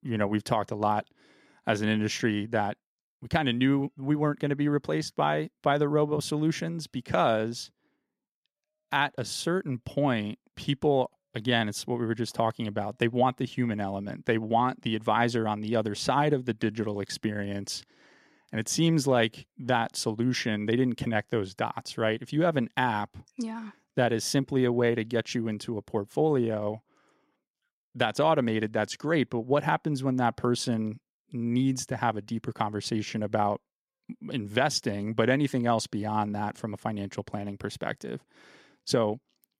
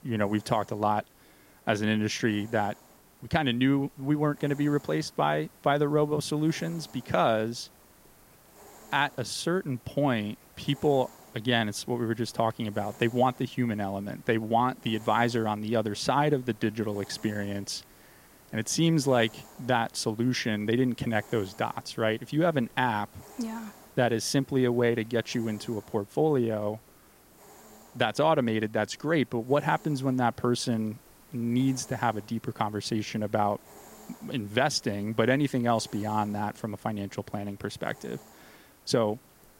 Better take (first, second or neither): first